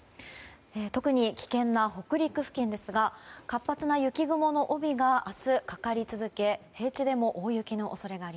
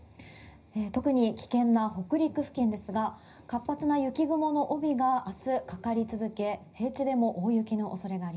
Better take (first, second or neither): first